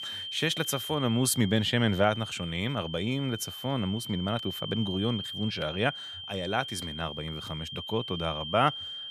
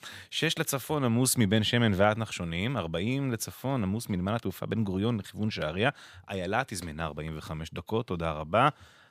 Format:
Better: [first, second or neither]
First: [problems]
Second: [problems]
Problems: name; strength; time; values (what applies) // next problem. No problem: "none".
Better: second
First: high-pitched whine; loud; throughout; 3 kHz, 7 dB below the speech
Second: none